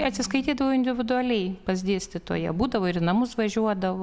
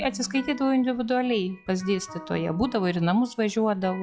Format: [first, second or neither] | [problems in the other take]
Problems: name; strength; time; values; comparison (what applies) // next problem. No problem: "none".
first | noise reduction (classical method log-MMSE)